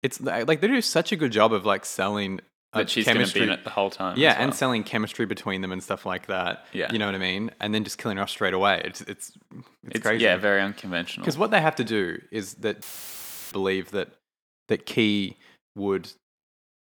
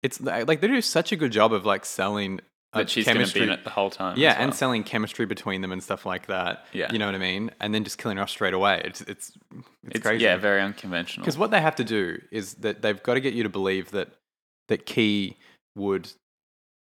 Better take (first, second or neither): second